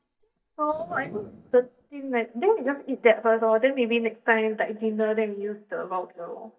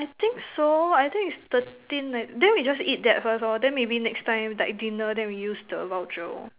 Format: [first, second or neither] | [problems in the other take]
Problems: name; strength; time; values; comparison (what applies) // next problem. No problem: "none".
second | noise reduction (neural mask model DeepFilterNet 3)